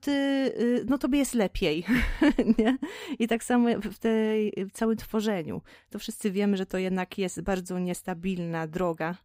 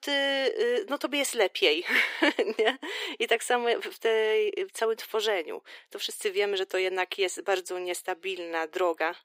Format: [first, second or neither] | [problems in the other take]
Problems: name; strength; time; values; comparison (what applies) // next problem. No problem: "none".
first | thin; very; fading below 350 Hz